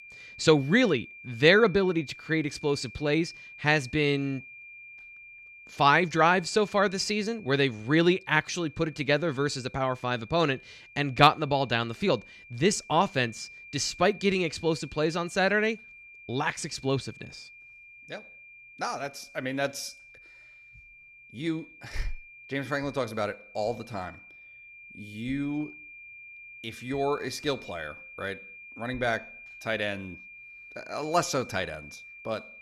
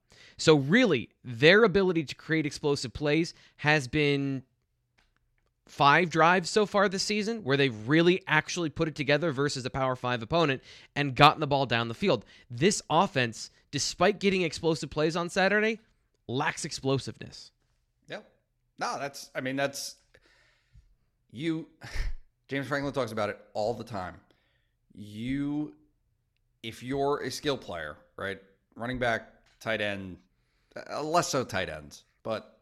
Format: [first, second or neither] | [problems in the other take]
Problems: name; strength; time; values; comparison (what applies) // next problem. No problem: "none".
second | high-pitched whine; noticeable; throughout; 2.5 kHz, 20 dB below the speech